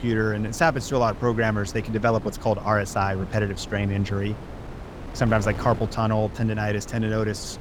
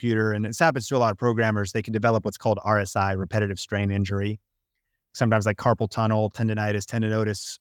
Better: second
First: wind noise on the microphone; occasional gusts; 15 dB below the speech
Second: none

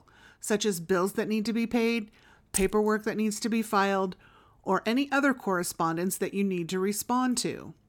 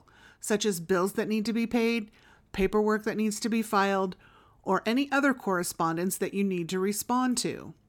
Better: second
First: jangling keys; noticeable; at 2.5 s; peak 5 dB below the speech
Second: none

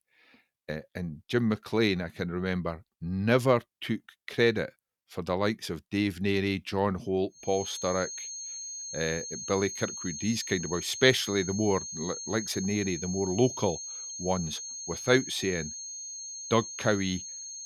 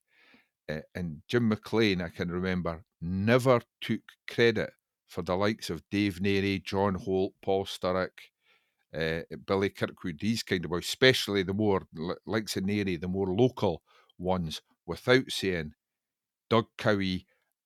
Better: second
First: high-pitched whine; loud; from 7.5 s on; 6.5 kHz, 7 dB below the speech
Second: none

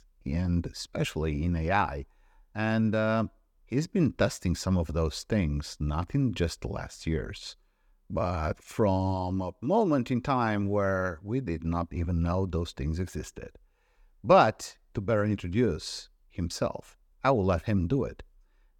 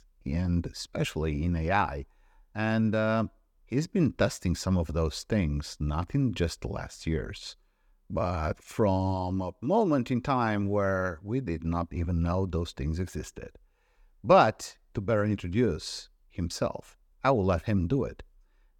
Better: neither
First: none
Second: none

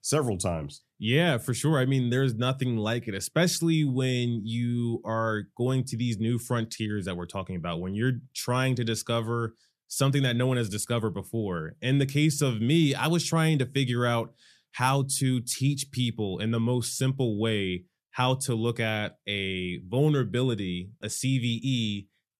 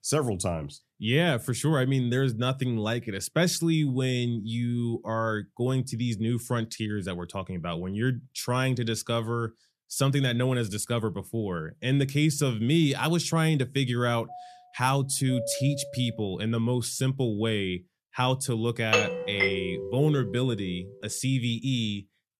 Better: first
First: none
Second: doorbell; noticeable; from 14 to 16 s; peak 7 dB below the speech // doorbell; loud; from 19 to 20 s; peak 3 dB above the speech

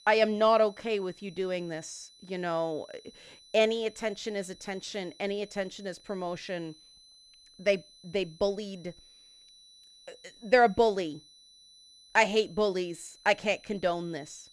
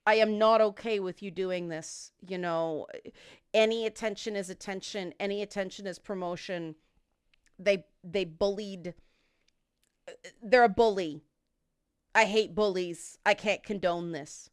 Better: second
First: high-pitched whine; faint; throughout; 4 kHz, 25 dB below the speech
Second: none

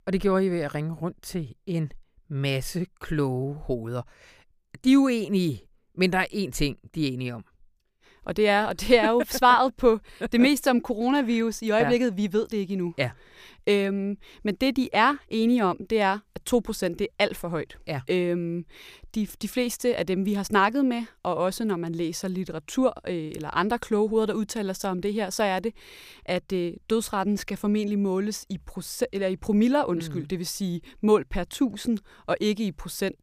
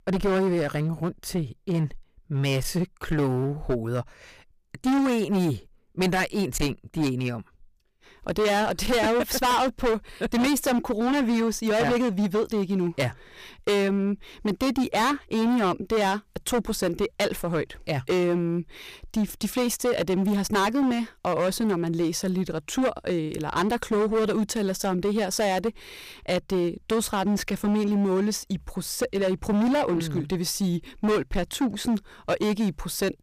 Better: first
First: none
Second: distortion; heavy; 16% of the sound clipped

